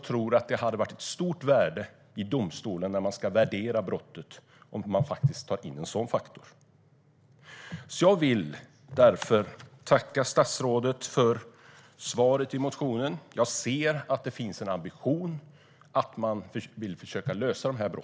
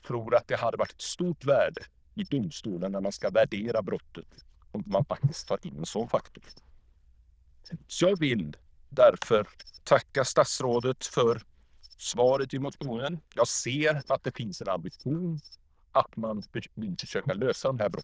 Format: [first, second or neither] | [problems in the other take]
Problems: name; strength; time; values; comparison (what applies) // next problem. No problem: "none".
first | noise reduction (neural diffusion model UNIVERSE++)